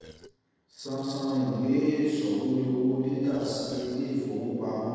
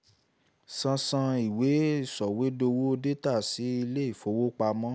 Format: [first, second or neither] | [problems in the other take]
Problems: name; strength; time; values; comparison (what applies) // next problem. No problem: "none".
second | noise reduction (neural separator model SepFormer DNS4)